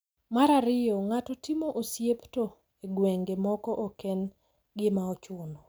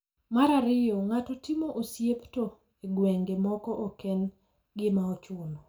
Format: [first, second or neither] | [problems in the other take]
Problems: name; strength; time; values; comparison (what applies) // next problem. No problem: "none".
first | room echo; dies away in 0.2 s